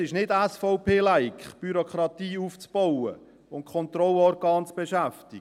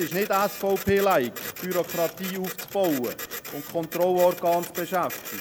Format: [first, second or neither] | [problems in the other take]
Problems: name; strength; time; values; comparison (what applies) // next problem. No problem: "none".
first | background sound (Printer); 11 dB below the speech